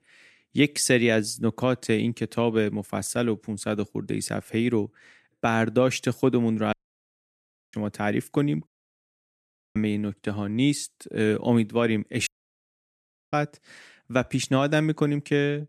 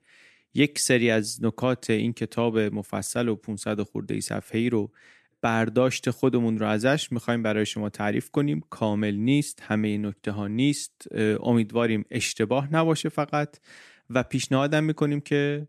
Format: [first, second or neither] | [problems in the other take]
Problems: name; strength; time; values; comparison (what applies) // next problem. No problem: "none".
second | audio cutting out; at 6.5 s for 1 s, at 8.5 s for 1 s and at 12 s for 1 s